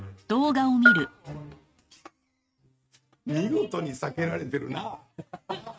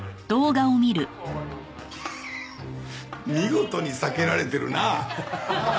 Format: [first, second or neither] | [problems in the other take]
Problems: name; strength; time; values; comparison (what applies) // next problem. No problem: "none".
second | noise reduction (neural mask model RNNoise)